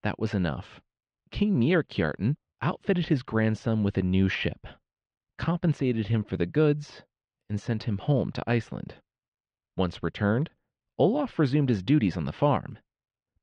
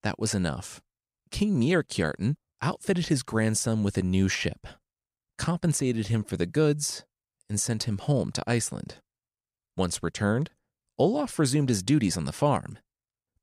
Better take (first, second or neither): second